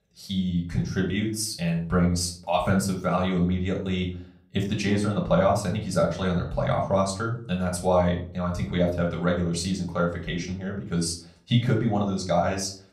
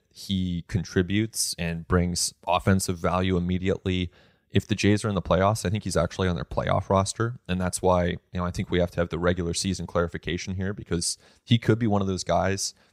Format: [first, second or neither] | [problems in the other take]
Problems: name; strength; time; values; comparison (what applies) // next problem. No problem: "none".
second | off-mic speech; somewhat distant // room echo; slight; dies away in 0.4 s